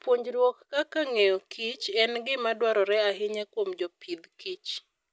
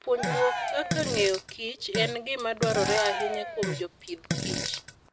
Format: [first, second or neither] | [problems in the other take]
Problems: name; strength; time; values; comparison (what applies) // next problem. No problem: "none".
first | background sound (Fart + Cheering); 2 dB below the speech